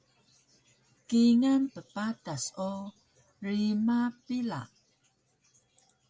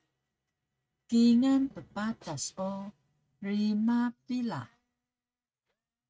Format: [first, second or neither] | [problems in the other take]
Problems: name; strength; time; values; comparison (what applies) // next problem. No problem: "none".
first | noise reduction (neural mask model RNNoise)